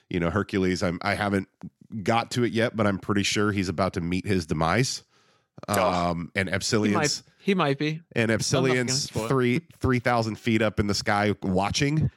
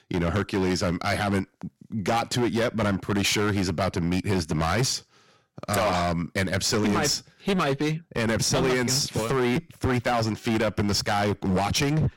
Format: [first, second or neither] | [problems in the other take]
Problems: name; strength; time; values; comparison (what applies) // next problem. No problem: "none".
first | distortion; heavy; 16% of the sound clipped